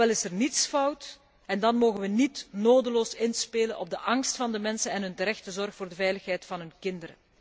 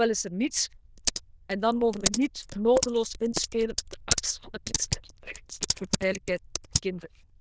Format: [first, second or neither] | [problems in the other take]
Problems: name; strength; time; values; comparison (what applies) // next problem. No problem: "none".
first | noise reduction (neural diffusion model UNIVERSE++)